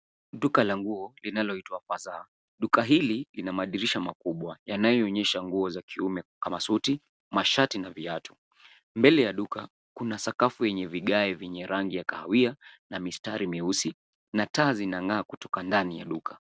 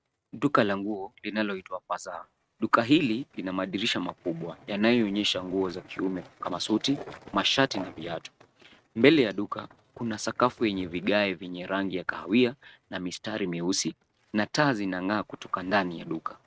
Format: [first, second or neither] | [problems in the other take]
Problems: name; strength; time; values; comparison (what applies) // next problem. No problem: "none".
first | noise reduction (neural mask model RNNoise)